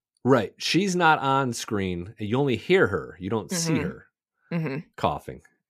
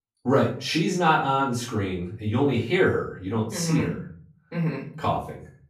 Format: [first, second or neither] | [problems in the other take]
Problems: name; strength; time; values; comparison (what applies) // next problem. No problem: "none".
first | off-mic speech; far // room echo; slight; dies away in 0.4 s